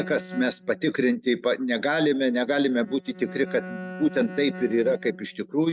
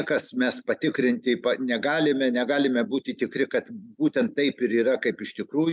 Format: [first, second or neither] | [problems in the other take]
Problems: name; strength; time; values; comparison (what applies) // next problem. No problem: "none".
second | noise reduction (neural mask model RNNoise)